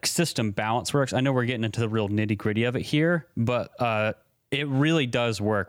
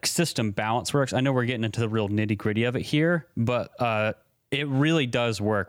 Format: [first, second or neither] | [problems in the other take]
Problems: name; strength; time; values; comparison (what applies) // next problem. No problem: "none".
neither | none